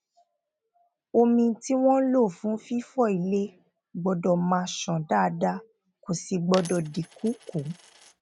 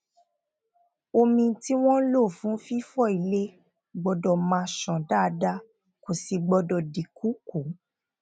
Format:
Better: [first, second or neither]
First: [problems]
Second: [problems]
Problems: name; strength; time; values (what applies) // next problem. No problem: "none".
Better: second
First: background sound (Coin (dropping)); 18 dB below the speech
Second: none